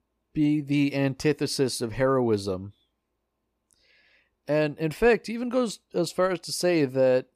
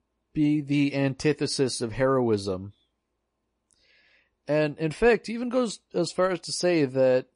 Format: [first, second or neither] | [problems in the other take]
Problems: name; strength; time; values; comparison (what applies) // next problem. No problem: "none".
first | garbled, watery; slightly; nothing above 10.5 kHz